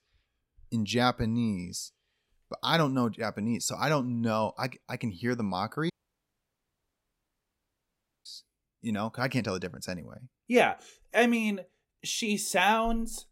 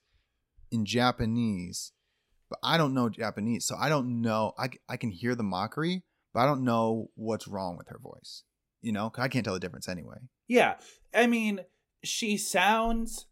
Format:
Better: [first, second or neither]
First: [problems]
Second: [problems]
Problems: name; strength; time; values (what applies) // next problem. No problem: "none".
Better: second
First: audio cutting out; at 6 s for 2.5 s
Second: none